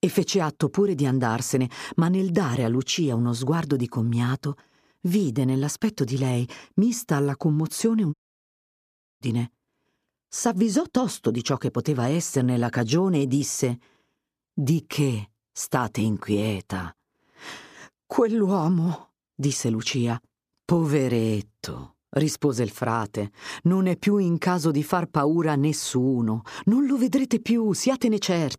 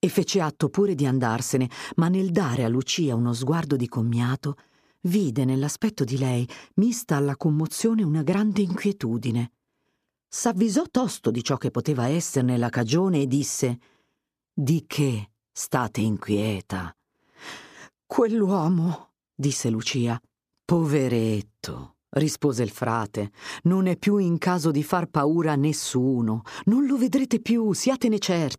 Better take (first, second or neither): second